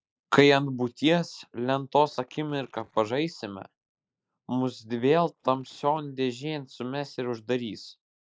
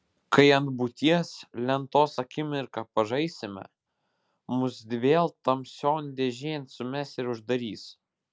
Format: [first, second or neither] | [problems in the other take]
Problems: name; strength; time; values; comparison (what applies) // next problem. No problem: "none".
second | noise reduction (neural mask model Resemble Enhance denoiser)